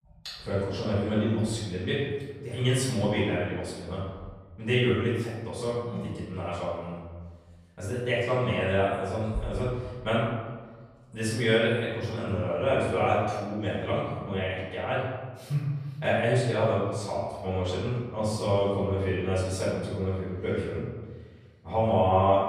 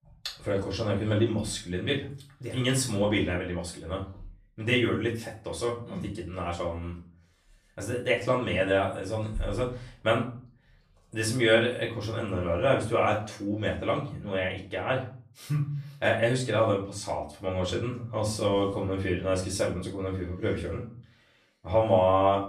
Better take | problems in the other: second | room echo; strong; dies away in 1.3 s; slight in the second // off-mic speech; far; far in the second

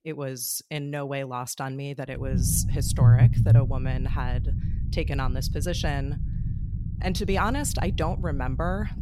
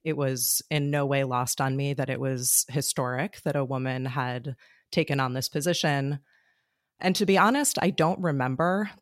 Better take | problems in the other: second | low rumble; loud; from 2.5 s on; 7 dB below the speech

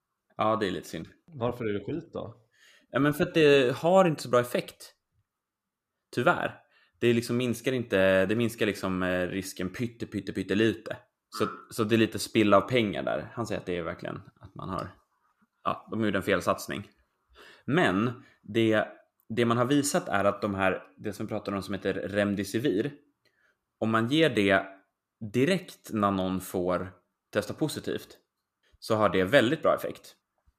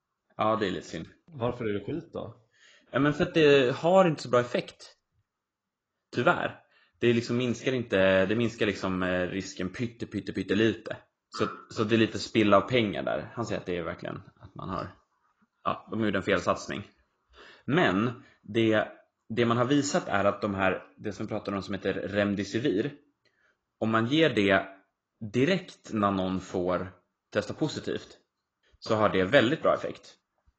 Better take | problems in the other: first | garbled, watery; badly; nothing above 7.5 kHz

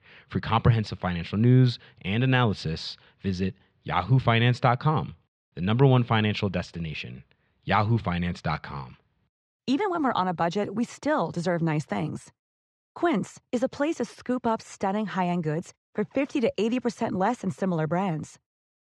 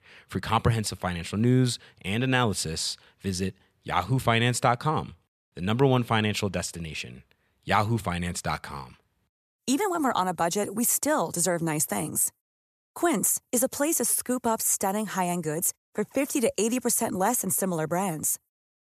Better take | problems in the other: second | muffled; slightly; fading above 4.5 kHz

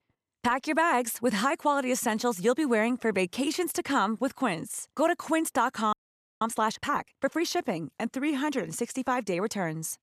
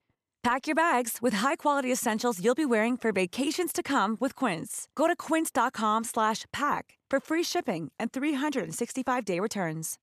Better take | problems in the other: second | audio freezing; at 6 s

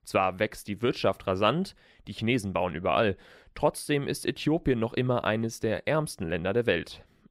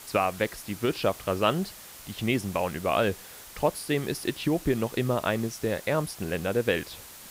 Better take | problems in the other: first | hiss; noticeable; throughout; 15 dB below the speech

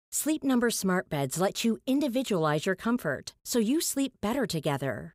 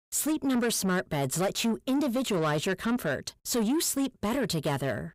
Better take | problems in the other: first | distortion; slight; 10 dB below the speech

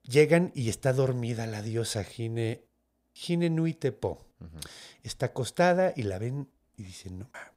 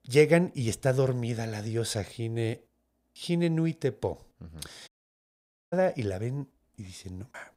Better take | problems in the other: first | audio cutting out; at 5 s for 1 s

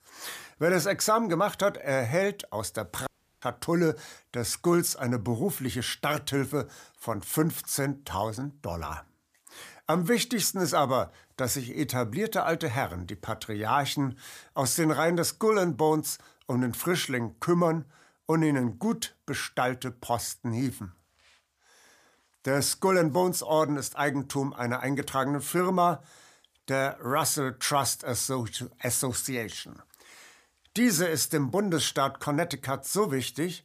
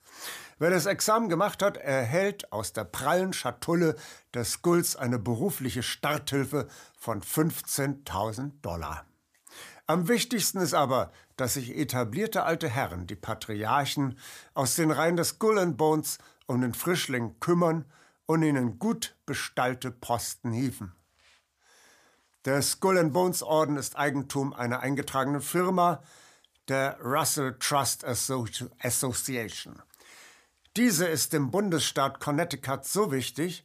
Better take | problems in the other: second | audio cutting out; at 3 s

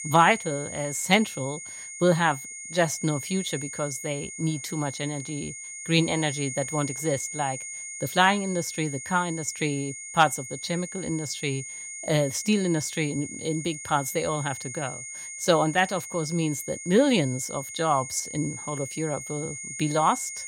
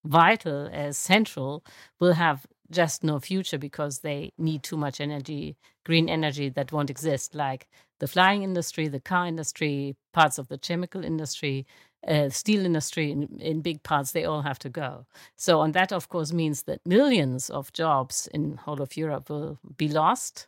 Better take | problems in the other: second | high-pitched whine; loud; throughout; 6.5 kHz, 9 dB below the speech

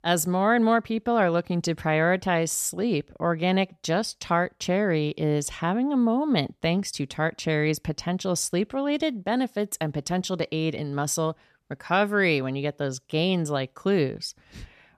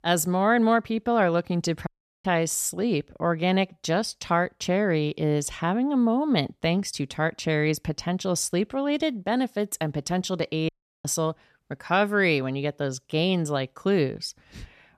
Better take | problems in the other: first | audio cutting out; at 2 s and at 11 s

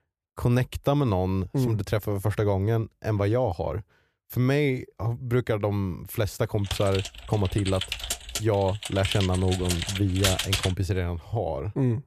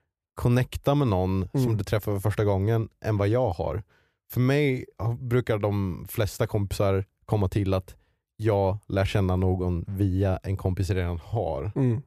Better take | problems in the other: second | keyboard typing; loud; from 6.5 to 11 s; peak 2 dB above the speech

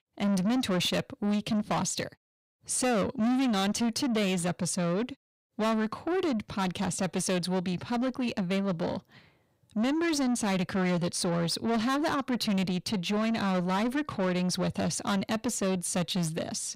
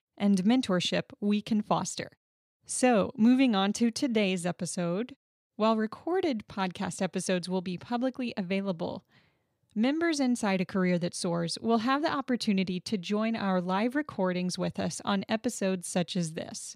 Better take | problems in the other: second | distortion; heavy; 8 dB below the speech

